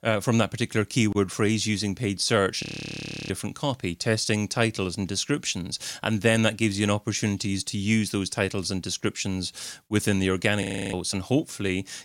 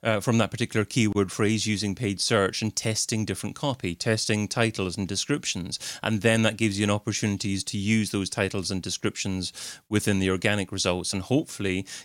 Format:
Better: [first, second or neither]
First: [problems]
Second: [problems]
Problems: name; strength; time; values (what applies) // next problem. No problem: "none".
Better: second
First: audio freezing; at 2.5 s for 0.5 s and at 11 s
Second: none